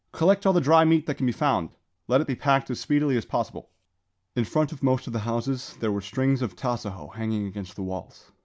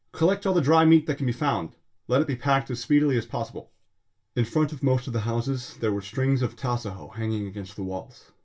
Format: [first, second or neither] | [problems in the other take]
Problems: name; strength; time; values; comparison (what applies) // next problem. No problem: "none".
first | room echo; dies away in 0.1 s